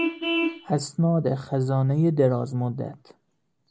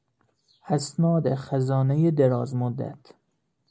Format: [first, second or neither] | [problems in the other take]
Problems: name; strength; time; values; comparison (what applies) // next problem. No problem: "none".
second | background sound (Vehicle horn, car horn, honking); 8 dB below the speech